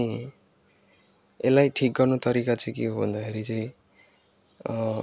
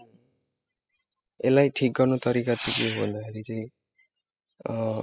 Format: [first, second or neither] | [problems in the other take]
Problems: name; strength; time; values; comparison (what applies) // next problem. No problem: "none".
first | noise reduction (classical method spectral subtraction)